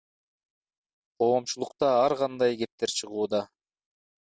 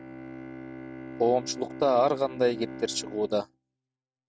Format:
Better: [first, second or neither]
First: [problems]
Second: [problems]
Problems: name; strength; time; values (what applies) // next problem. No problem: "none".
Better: first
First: none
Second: noise reduction (neural mask model RNNoise)